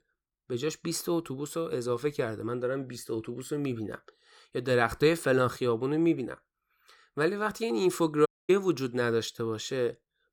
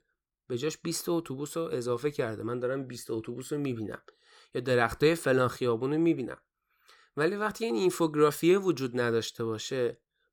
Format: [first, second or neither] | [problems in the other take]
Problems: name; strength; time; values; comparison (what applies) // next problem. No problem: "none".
second | audio cutting out; at 8.5 s